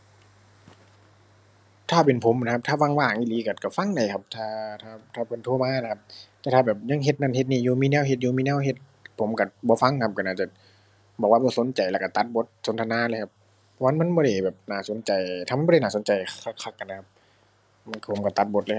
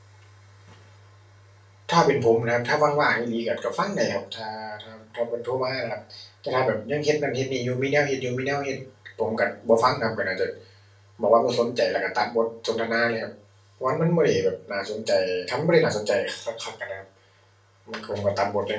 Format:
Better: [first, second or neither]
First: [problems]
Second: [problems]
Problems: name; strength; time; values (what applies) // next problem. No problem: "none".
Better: first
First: none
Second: room echo; dies away in 0.3 s